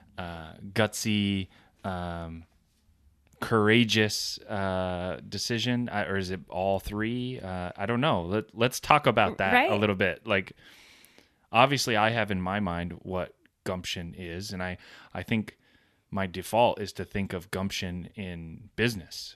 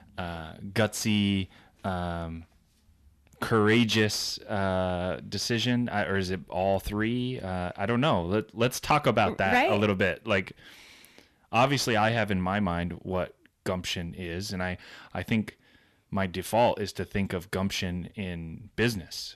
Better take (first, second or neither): first